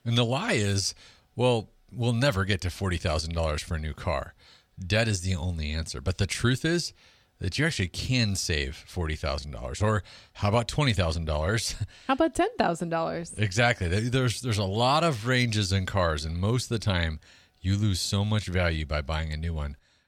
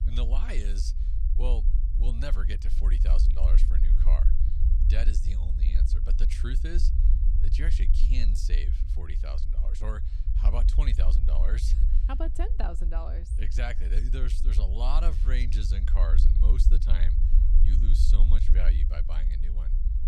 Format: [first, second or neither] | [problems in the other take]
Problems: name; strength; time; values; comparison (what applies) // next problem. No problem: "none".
first | low rumble; loud; throughout; 7 dB below the speech